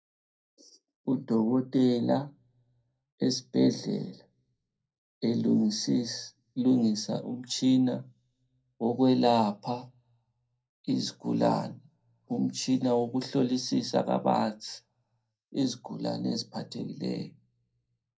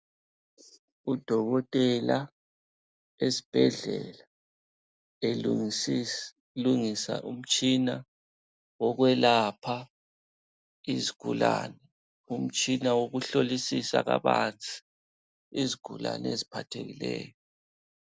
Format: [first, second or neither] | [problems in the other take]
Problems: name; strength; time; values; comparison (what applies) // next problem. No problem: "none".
second | room echo; dies away in 0.2 s